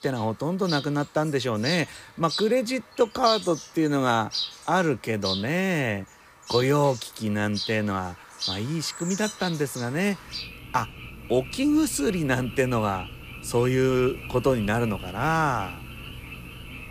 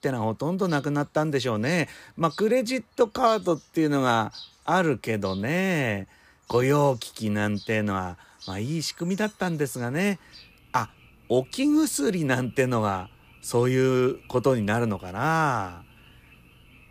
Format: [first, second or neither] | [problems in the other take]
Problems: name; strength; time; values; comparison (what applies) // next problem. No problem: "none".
second | animal sounds; loud; throughout; 9 dB below the speech; faint in the second